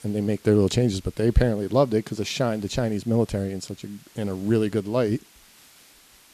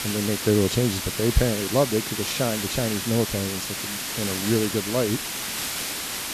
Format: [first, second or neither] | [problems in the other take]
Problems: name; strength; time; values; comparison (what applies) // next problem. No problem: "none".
first | hiss; loud; throughout; 3 dB below the speech; faint in the first